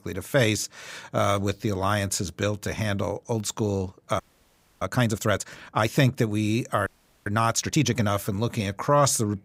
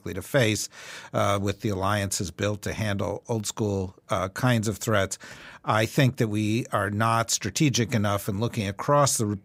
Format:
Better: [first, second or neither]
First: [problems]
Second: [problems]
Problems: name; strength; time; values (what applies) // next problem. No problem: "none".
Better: second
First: audio freezing; at 4 s for 0.5 s and at 7 s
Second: none